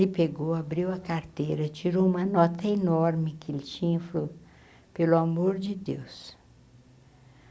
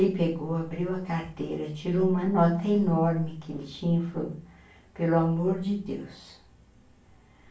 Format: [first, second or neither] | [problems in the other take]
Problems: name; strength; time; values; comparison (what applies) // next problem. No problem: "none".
first | room echo; dies away in 0.3 s